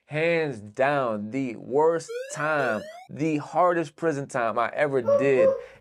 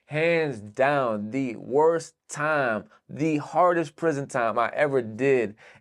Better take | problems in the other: second | siren; faint; at 2 s; peak 10 dB below the speech // dog barking; loud; at 5 s; peak 4 dB above the speech

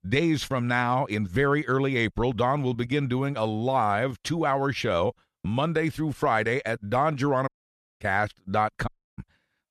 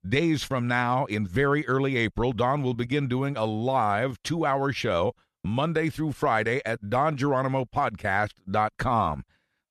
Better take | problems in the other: second | audio cutting out; at 7.5 s for 0.5 s and at 9 s

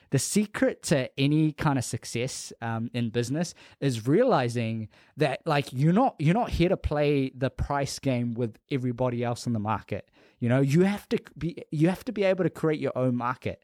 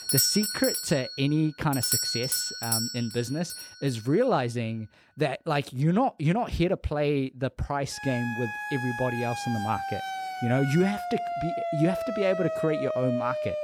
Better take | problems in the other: first | alarms or sirens; loud; throughout; 2 dB below the speech

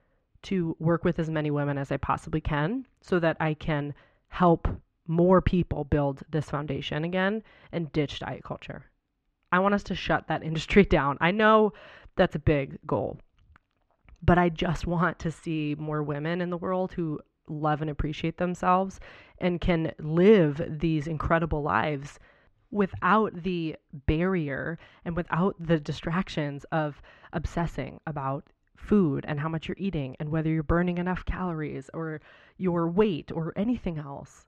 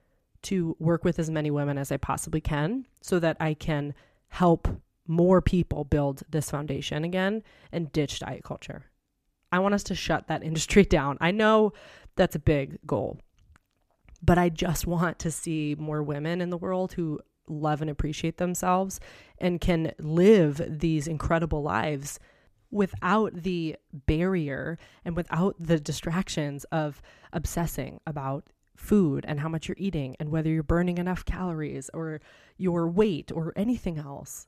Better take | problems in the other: second | muffled; slightly; fading above 3 kHz

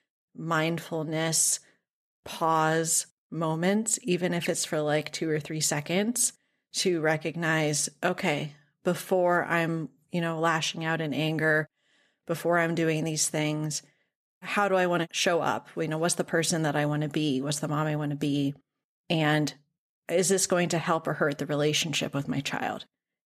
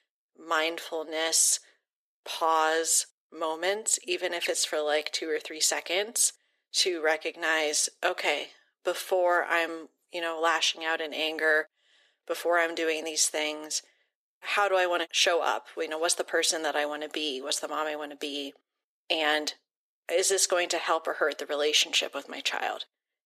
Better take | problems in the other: first | thin; very; fading below 350 Hz

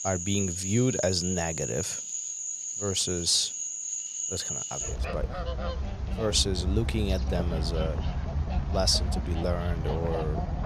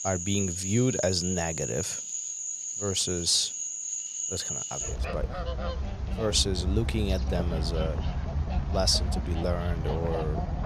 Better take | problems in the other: neither | animal sounds; loud; throughout; 2 dB below the speech; the same in both

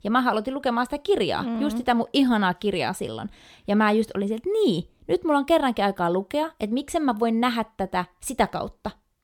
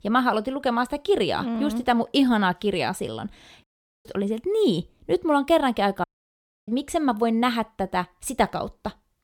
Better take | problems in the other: first | audio cutting out; at 3.5 s and at 6 s for 0.5 s

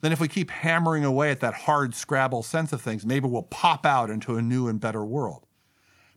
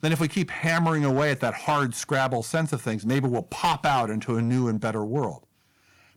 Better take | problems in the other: first | distortion; slight; 8% of the sound clipped

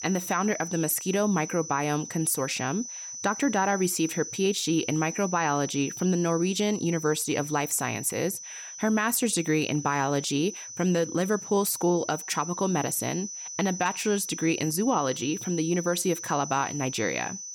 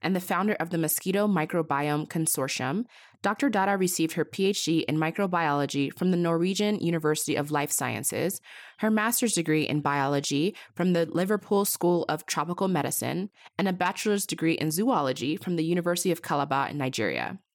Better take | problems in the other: second | high-pitched whine; loud; throughout; 6 kHz, 9 dB below the speech

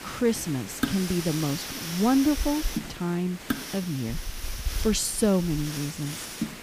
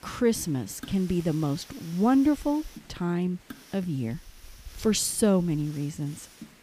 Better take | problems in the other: second | hiss; loud; throughout; 7 dB below the speech; faint in the second

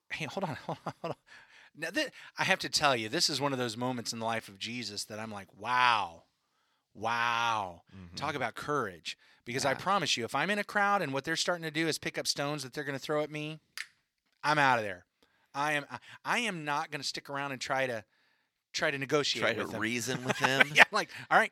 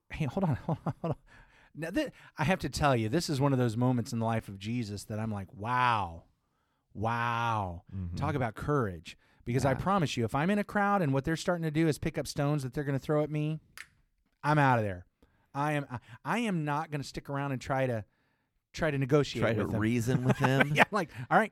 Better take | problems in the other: second | thin; somewhat; fading below 550 Hz

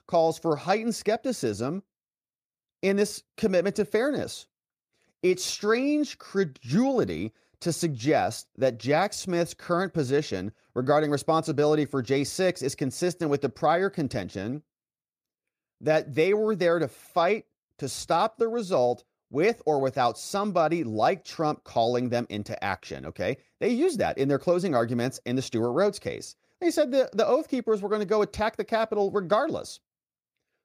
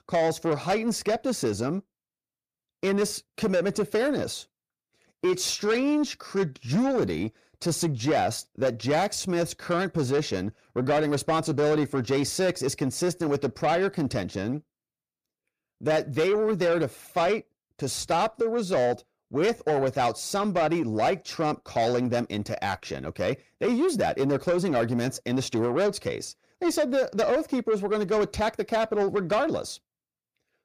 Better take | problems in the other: first | distortion; slight; 10 dB below the speech

